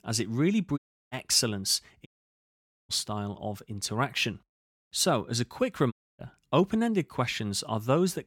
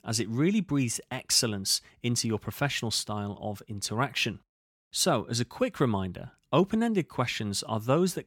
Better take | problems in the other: second | audio cutting out; at 1 s, at 2 s for 1 s and at 6 s

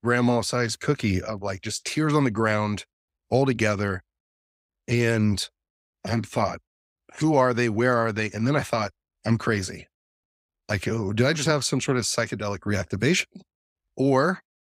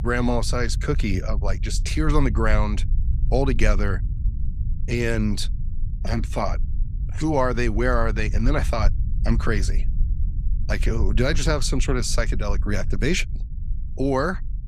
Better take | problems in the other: first | low rumble; noticeable; throughout; 20 dB below the speech

